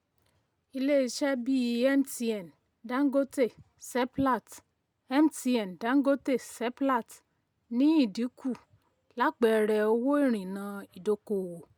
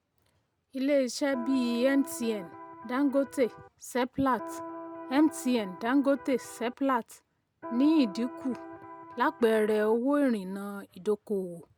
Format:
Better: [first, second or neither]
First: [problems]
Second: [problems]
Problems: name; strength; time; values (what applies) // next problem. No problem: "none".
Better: first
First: none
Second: background sound (Electric guitar); 14 dB below the speech